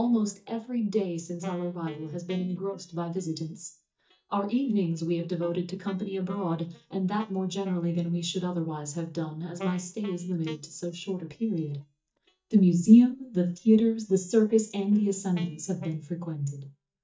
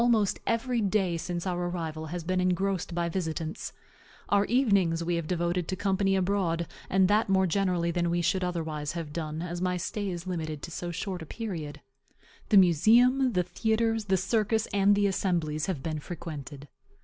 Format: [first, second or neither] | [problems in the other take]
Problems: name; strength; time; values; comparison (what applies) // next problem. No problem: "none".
second | noise reduction (neural mask model DeepFilterNet 3)